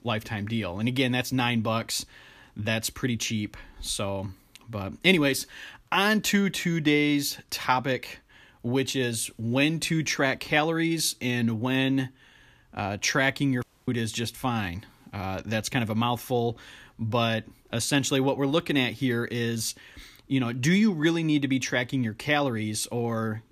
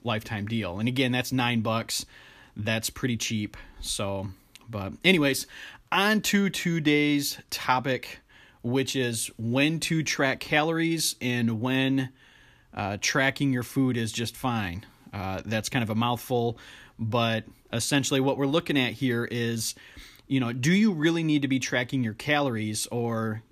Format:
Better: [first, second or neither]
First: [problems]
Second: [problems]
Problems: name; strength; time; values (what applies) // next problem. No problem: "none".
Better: second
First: audio cutting out; at 14 s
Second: none